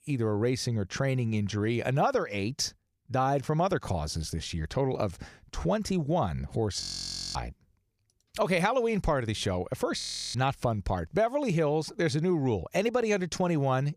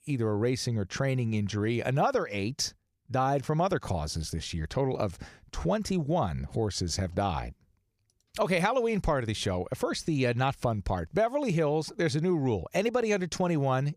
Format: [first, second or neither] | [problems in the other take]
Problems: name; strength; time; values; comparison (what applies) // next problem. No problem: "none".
second | audio freezing; at 7 s for 0.5 s and at 10 s